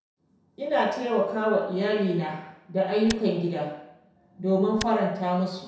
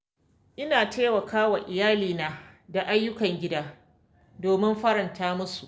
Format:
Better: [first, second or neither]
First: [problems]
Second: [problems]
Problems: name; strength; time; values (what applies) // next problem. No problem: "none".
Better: second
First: background sound (Tick); 12 dB below the speech // room echo; dies away in 0.7 s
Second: none